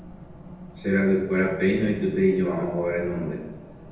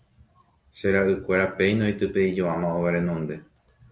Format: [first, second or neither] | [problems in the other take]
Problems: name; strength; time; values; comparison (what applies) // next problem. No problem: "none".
second | background sound (Race car, auto racing); 15 dB below the speech // room echo; dies away in 0.9 s